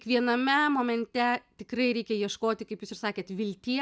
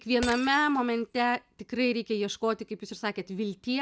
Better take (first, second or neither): first